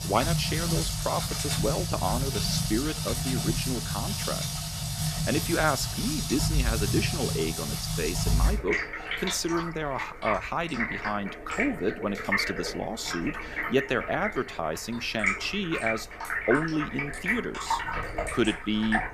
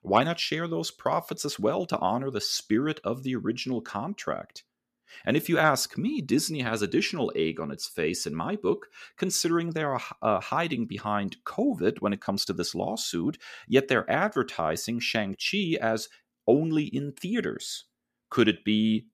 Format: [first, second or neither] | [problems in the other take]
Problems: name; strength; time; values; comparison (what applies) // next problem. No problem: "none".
second | rain or running water; very loud; throughout; as loud as the speech